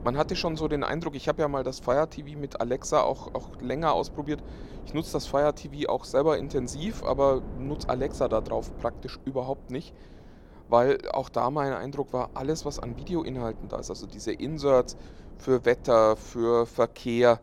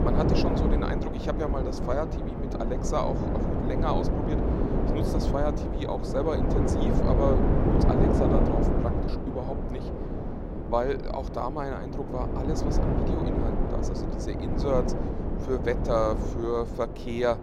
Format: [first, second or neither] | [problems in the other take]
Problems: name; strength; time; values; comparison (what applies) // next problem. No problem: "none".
first | wind noise on the microphone; heavy; 1 dB below the speech; occasional gusts in the first